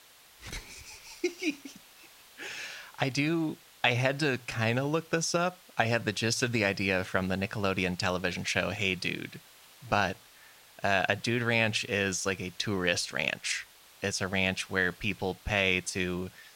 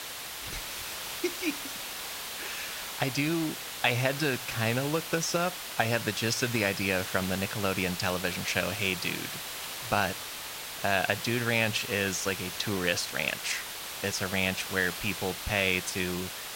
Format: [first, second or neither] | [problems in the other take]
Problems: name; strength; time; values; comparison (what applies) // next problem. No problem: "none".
first | hiss; loud; throughout; 6 dB below the speech; faint in the first